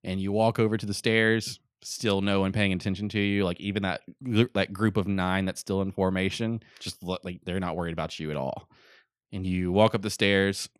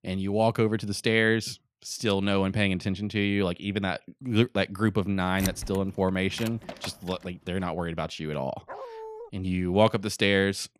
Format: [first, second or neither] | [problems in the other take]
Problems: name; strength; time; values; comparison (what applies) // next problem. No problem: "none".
first | door banging; noticeable; from 5.5 to 7 s; peak 6 dB below the speech // dog barking; faint; at 8.5 s; peak 15 dB below the speech